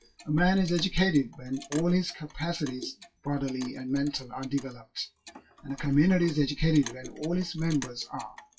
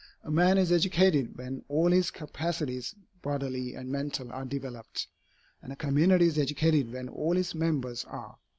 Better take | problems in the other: second | noise reduction (classical method WPE with log-MMSE)

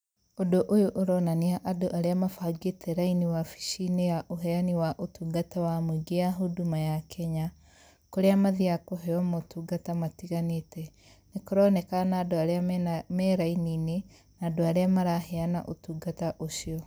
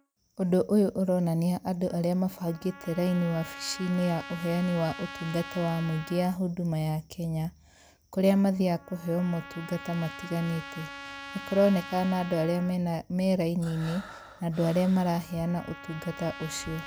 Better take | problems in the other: first | background sound (Breathing + Trumpet); 16 dB below the speech

